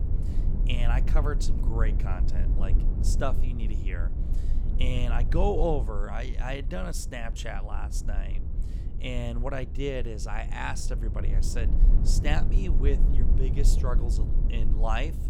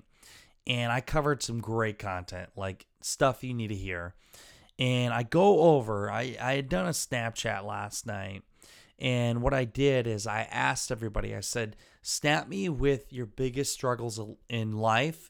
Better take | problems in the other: second | low rumble; noticeable; throughout; 10 dB below the speech

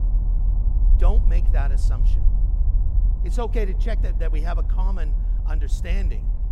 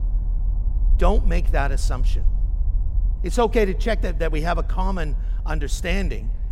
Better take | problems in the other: second | low rumble; loud; throughout; 9 dB below the speech; faint in the second

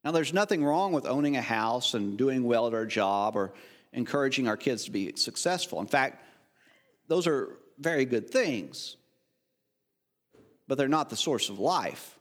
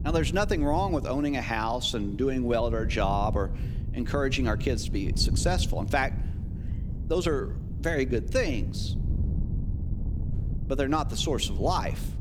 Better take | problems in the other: first | wind noise on the microphone; occasional gusts; 15 dB below the speech

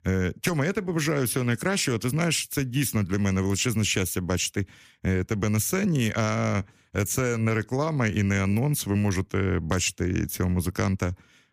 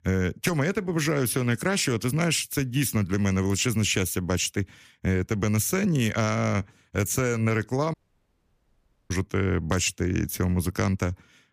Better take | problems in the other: first | audio cutting out; at 8 s for 1 s

